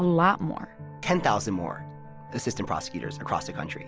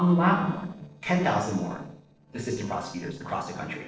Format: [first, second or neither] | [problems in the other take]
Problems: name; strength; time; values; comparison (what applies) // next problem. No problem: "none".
first | noise reduction (neural separator model SepFormer DNS4)